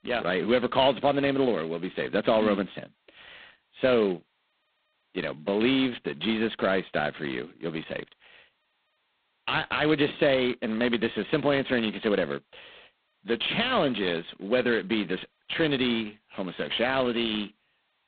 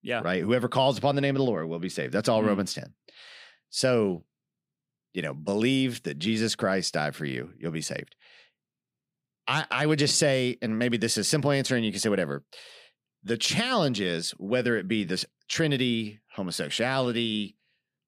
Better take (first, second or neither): second